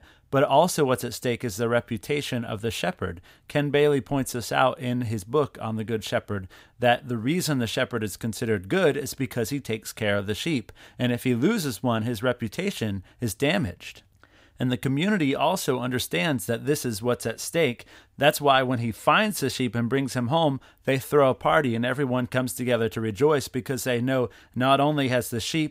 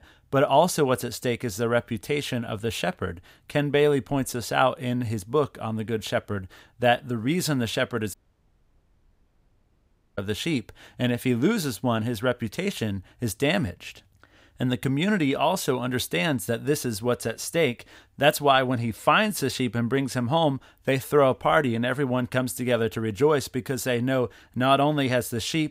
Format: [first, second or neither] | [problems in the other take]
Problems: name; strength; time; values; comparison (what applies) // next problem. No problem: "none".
first | audio cutting out; at 8 s for 2 s